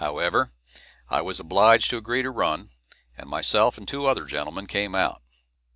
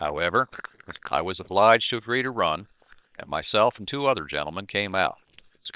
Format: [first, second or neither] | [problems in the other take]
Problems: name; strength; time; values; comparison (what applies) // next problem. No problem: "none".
first | noise reduction (neural separator model SepFormer WHAM!)